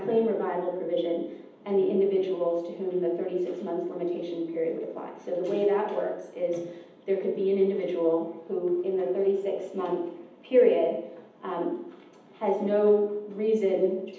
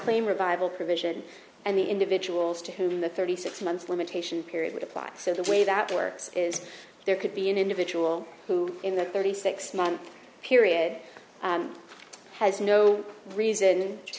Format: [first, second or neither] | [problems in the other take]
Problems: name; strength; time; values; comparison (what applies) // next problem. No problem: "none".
second | room echo; dies away in 0.8 s